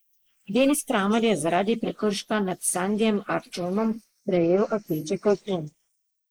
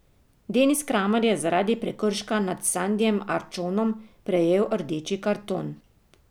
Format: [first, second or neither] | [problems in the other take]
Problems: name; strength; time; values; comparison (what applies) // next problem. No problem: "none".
second | noise reduction (neural mask model Resemble Enhance denoiser)